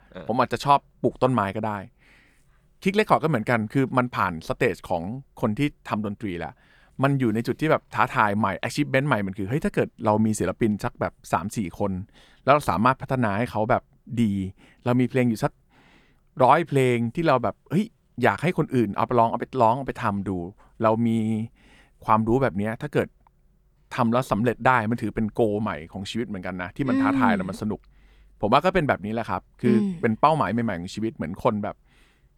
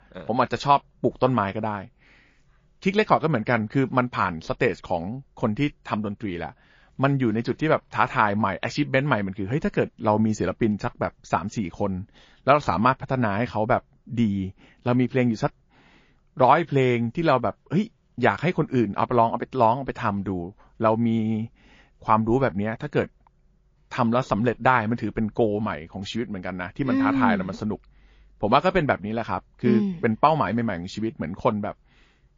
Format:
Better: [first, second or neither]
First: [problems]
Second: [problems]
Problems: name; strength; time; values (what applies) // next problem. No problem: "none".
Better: first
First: none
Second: garbled, watery; slightly